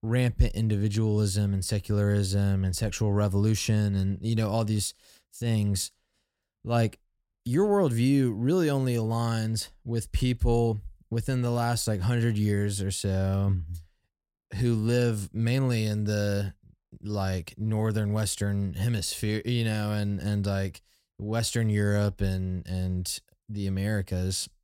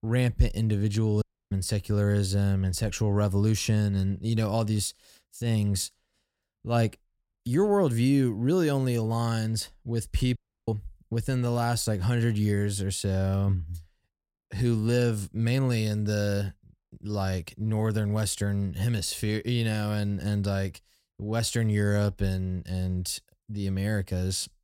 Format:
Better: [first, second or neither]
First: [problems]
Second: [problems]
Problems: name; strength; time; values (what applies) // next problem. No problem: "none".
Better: first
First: none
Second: audio cutting out; at 1 s and at 10 s